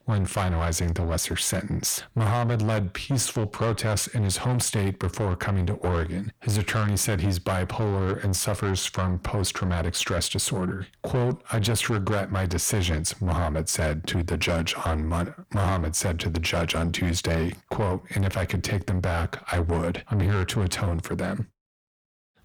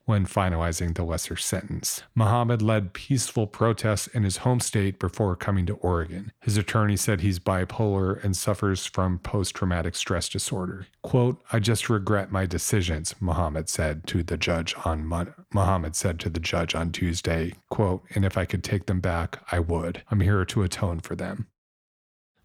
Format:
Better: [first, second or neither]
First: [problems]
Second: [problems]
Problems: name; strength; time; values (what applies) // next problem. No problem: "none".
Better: second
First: distortion; heavy; 7 dB below the speech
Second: none